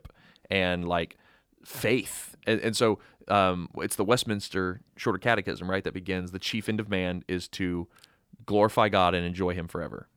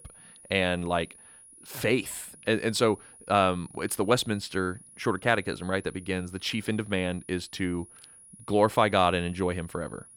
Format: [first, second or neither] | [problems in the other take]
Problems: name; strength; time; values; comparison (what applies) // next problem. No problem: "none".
first | high-pitched whine; faint; throughout; 10.5 kHz, 20 dB below the speech